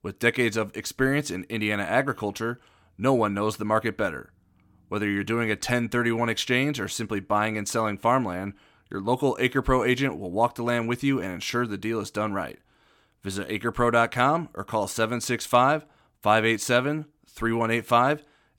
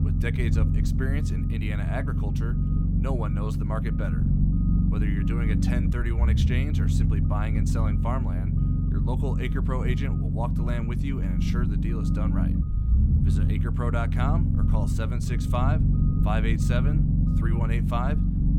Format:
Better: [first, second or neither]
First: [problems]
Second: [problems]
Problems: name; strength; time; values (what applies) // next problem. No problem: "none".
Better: first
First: none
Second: low rumble; loud; throughout; 1 dB below the speech